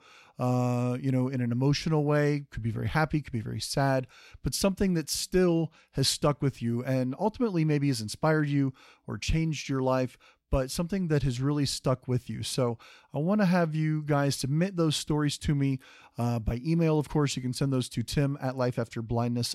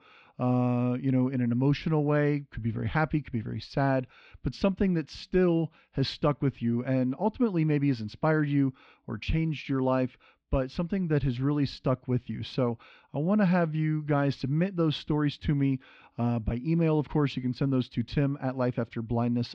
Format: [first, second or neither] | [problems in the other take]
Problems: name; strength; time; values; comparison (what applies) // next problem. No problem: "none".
first | muffled; slightly; fading above 3.5 kHz